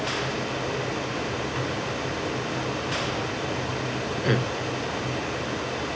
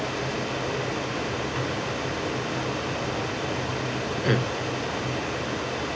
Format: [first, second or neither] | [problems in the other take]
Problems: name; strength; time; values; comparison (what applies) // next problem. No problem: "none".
second | background sound (Clapping); 15 dB below the speech